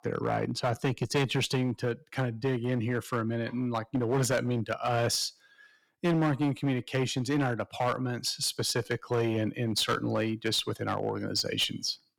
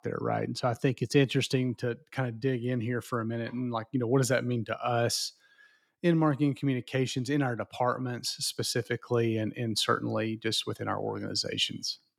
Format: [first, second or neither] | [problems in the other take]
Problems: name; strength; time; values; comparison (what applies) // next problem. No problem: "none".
second | distortion; slight; 7% of the sound clipped